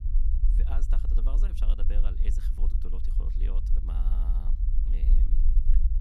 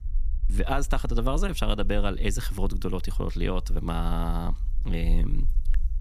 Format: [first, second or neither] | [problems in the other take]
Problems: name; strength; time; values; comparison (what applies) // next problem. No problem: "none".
second | low rumble; loud; throughout; 2 dB below the speech; faint in the second